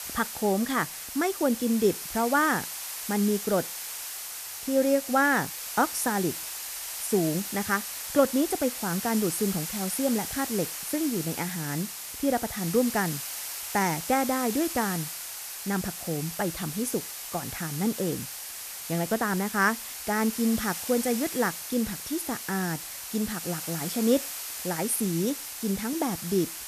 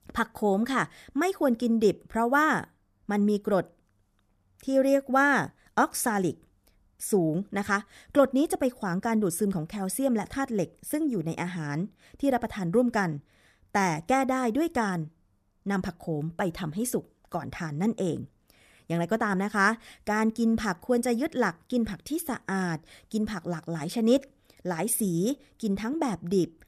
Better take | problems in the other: second | hiss; loud; throughout; 6 dB below the speech

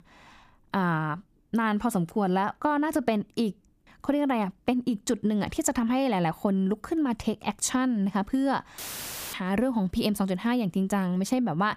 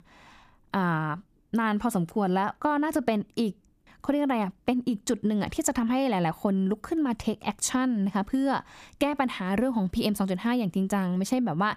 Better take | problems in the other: second | audio cutting out; filled with static; at 9 s for 0.5 s

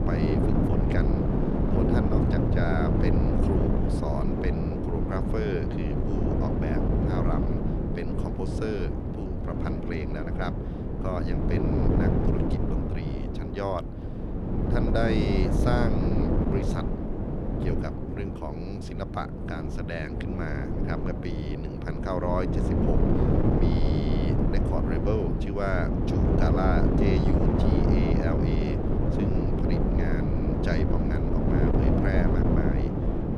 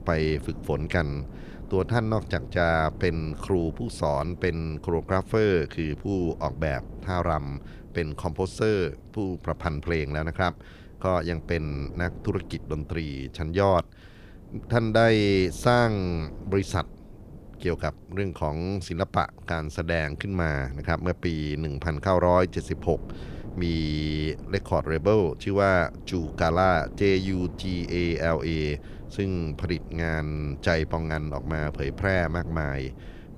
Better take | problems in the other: second | wind noise on the microphone; heavy; 3 dB above the speech; occasional gusts in the second

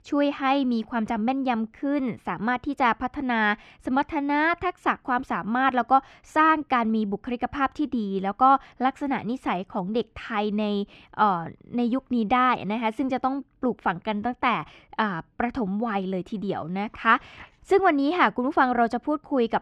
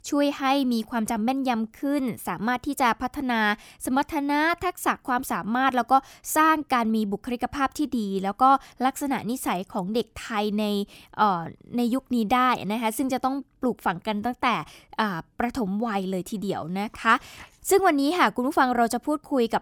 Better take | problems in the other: second | muffled; slightly; fading above 2.5 kHz

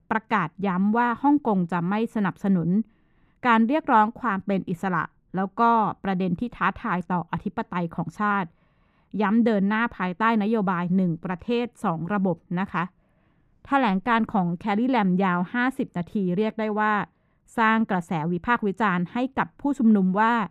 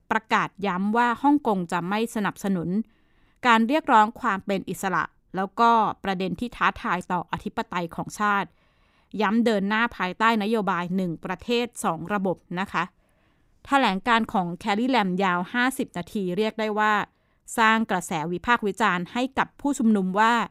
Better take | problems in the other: second | muffled; slightly; fading above 3.5 kHz

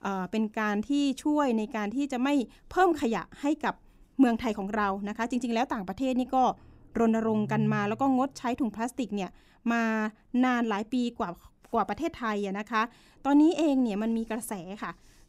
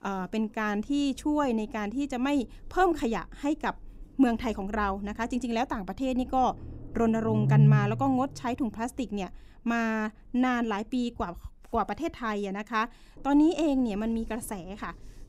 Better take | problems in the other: first | low rumble; loud; throughout; 8 dB below the speech; faint in the first

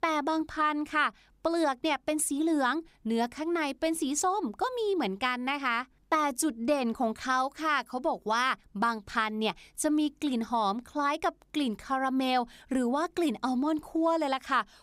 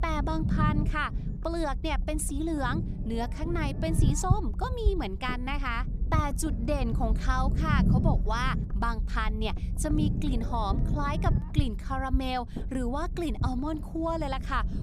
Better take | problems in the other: first | low rumble; noticeable; throughout; 10 dB below the speech

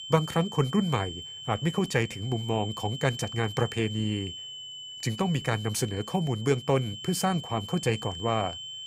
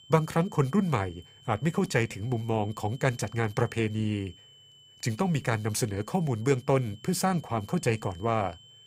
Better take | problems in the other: second | high-pitched whine; loud; throughout; 3 kHz, 10 dB below the speech; faint in the second

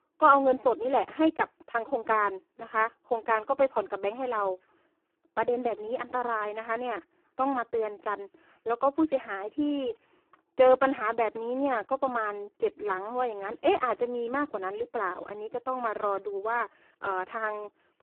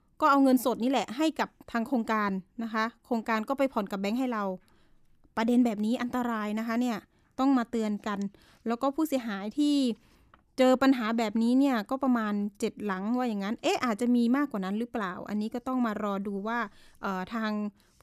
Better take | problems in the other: second | phone-call audio; poor line

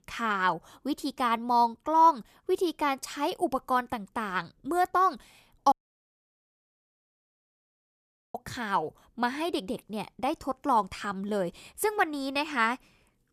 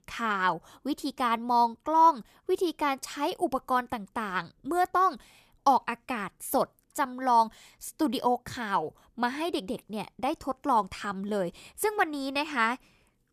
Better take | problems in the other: second | audio cutting out; at 5.5 s for 2.5 s

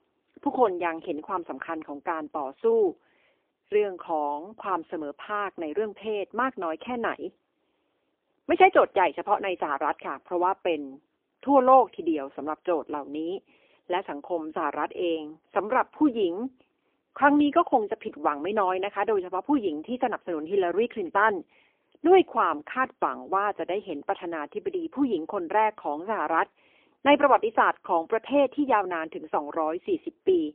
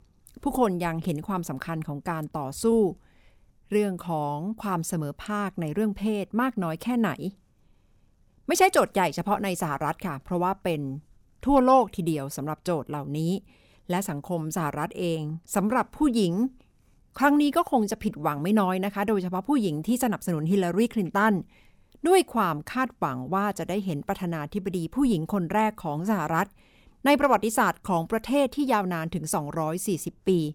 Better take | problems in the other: second | phone-call audio; poor line; nothing above 3 kHz

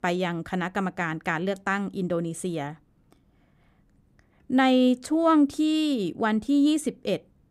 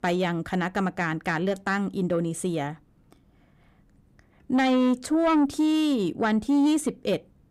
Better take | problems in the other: first | distortion; slight; 10 dB below the speech

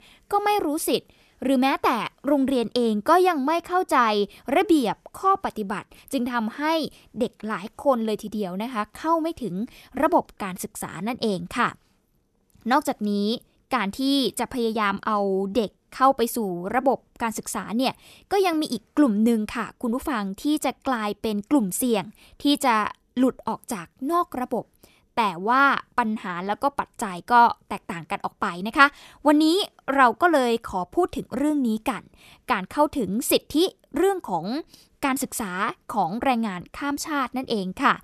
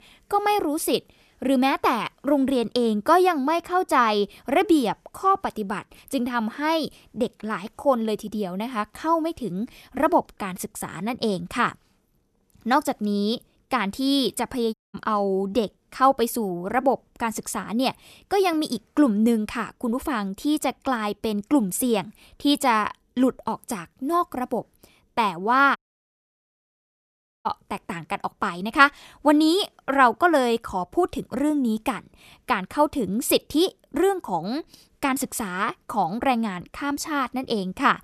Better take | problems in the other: first | audio cutting out; at 15 s and at 26 s for 1.5 s

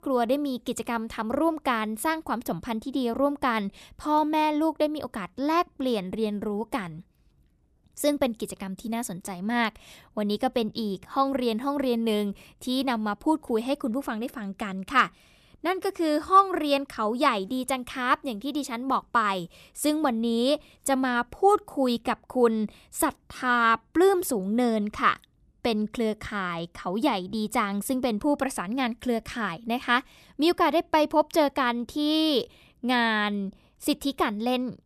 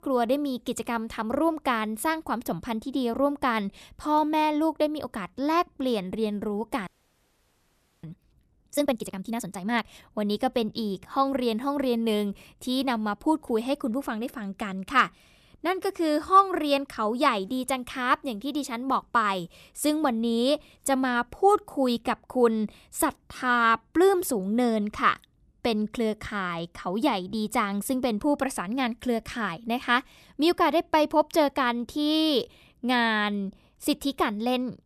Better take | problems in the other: first | audio freezing; at 7 s for 1 s

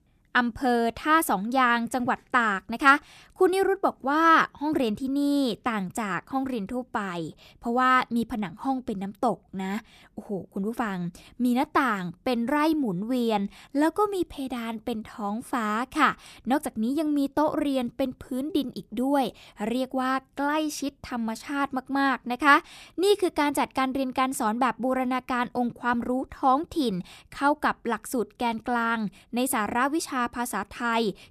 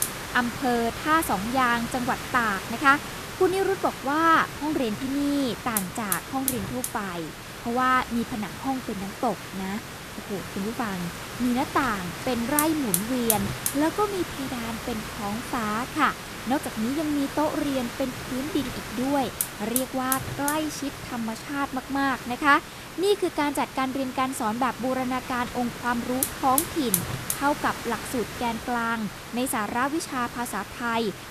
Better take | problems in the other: first | hiss; loud; throughout; 6 dB below the speech

